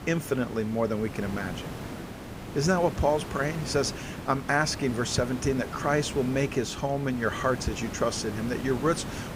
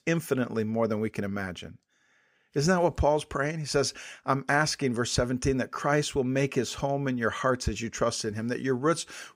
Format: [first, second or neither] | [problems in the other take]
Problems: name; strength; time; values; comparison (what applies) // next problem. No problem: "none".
second | hiss; loud; throughout; 10 dB below the speech